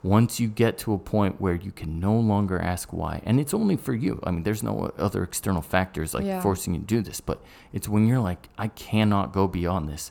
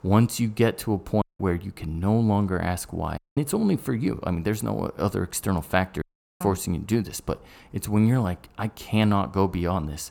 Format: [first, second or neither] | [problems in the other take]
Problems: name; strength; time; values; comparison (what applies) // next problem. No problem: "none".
first | audio cutting out; at 1 s, at 3 s and at 6 s